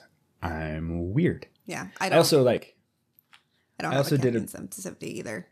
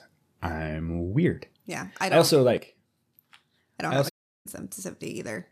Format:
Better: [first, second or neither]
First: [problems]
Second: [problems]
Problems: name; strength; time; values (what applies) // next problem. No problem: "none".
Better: first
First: none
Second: audio cutting out; at 4 s